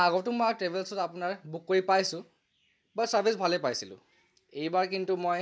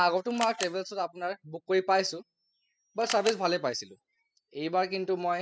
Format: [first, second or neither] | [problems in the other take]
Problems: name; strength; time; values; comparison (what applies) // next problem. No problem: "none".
first | noise reduction (classical method spectral subtraction)